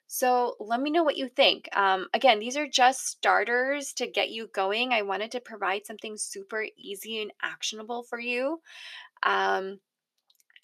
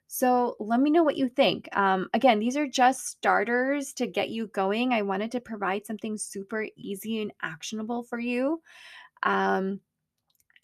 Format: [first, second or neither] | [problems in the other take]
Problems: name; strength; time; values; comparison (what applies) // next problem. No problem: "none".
second | thin; somewhat; fading below 450 Hz